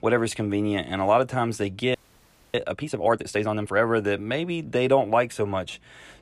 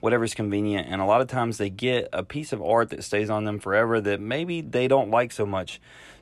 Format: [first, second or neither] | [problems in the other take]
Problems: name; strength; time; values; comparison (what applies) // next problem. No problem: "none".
second | audio freezing; at 2 s for 0.5 s